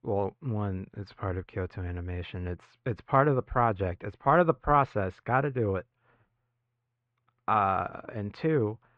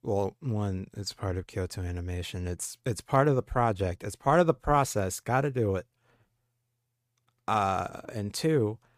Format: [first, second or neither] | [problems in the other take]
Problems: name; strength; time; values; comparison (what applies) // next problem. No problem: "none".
second | muffled; very; fading above 3 kHz